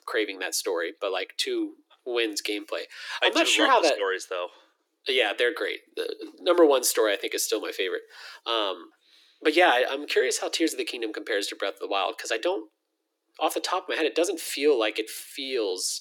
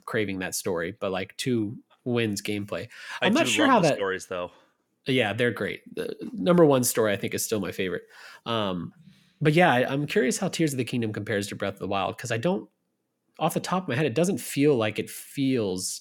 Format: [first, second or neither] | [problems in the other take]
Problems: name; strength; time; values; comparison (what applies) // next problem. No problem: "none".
second | thin; very; fading below 300 Hz